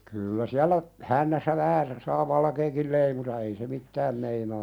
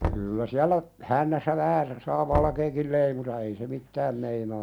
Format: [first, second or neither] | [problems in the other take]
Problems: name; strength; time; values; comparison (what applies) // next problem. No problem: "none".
first | background sound (Knock); 10 dB below the speech